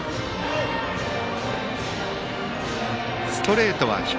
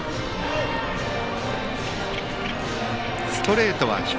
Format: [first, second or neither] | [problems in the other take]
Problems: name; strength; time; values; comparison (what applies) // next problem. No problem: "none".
first | background sound (Cat); 12 dB below the speech